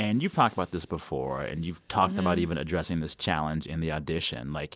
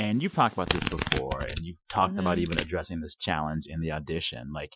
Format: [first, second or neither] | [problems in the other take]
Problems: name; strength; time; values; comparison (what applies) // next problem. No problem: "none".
first | noise reduction (classical method Wiener filter)